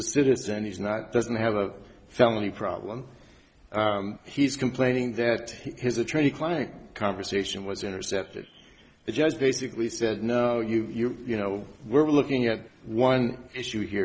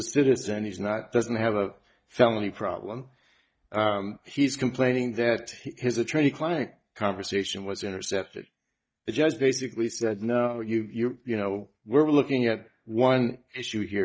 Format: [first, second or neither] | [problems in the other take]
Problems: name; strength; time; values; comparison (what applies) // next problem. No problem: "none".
first | noise reduction (neural mask model DeepFilterNet 3)